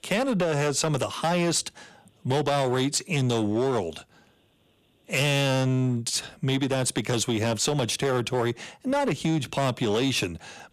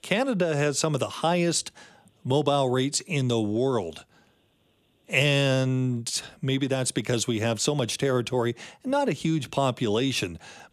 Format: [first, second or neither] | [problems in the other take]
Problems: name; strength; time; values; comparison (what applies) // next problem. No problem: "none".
second | distortion; slight; 11% of the sound clipped